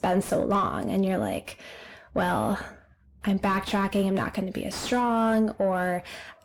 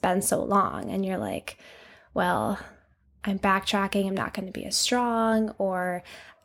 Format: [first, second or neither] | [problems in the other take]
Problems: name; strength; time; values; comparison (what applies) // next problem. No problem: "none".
second | distortion; heavy; 8 dB below the speech